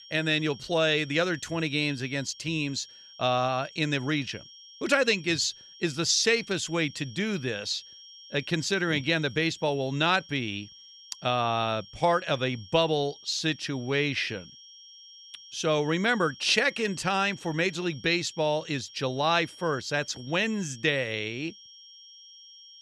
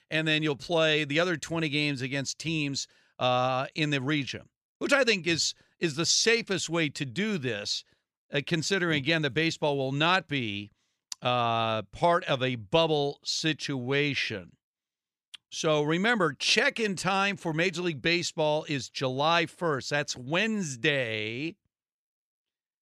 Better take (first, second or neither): second